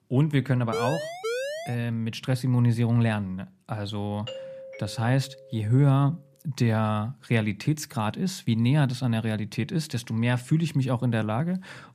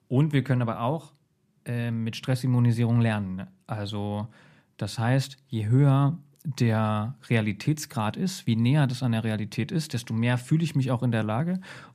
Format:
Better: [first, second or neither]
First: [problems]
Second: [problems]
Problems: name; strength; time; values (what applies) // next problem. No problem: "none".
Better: second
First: siren; noticeable; from 0.5 to 2 s; peak 4 dB below the speech // doorbell; faint; from 4.5 to 6 s; peak 10 dB below the speech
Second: none